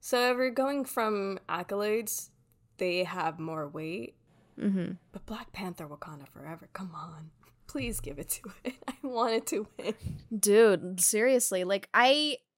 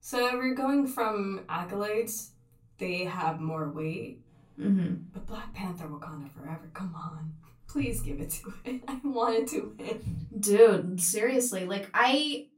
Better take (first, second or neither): first